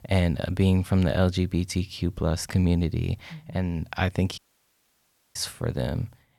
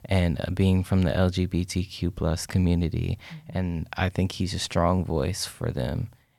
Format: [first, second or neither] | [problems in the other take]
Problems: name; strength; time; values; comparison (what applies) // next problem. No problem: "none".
second | audio cutting out; at 4.5 s for 1 s